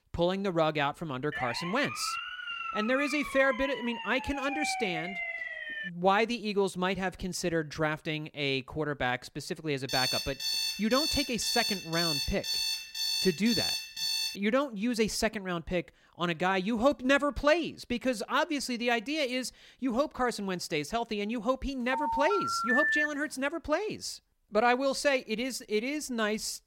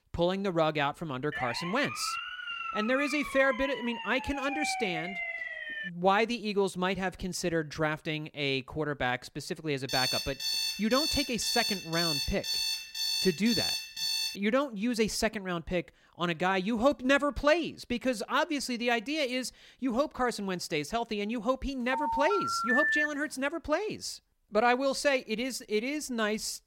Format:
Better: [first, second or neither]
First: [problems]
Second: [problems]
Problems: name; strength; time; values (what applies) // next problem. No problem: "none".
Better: neither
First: siren; noticeable; from 1.5 to 6 s; peak 3 dB below the speech // alarm; loud; from 10 to 14 s; peak 2 dB above the speech // phone ringing; loud; from 22 to 23 s; peak 5 dB above the speech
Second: siren; noticeable; from 1.5 to 6 s; peak 3 dB below the speech // alarm; loud; from 10 to 14 s; peak 2 dB above the speech // phone ringing; loud; from 22 to 23 s; peak 5 dB above the speech